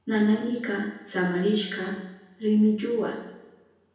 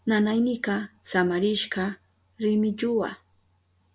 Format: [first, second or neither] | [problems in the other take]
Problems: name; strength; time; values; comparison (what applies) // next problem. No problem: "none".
second | room echo; dies away in 0.9 s